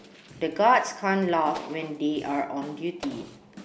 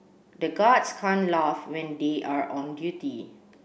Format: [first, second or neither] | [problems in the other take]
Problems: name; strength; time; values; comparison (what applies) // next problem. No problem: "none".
second | background sound (Drum / Drum kit + Explosion); 18 dB below the speech